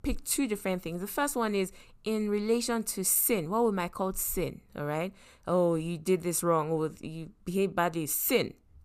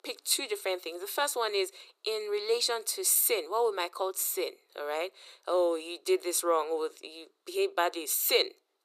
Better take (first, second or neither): first